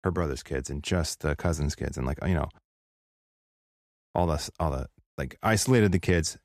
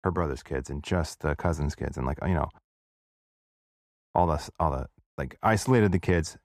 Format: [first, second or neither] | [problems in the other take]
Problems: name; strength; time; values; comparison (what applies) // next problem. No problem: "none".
first | muffled; slightly; fading above 2.5 kHz